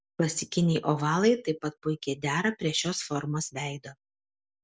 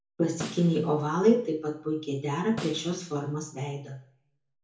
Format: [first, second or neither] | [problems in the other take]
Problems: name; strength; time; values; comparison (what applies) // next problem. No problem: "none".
first | background sound (Snare drum); 17 dB below the speech // room echo; dies away in 0.6 s